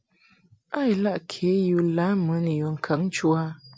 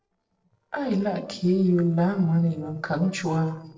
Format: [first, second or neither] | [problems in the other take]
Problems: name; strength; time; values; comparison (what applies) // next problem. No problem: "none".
first | noise reduction (neural separator model SepFormer DNS4)